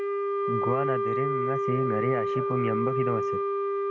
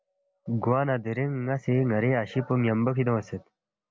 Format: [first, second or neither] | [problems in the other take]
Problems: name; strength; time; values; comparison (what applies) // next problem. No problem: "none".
second | background sound (Wind instrument, woodwind instrument); 4 dB above the speech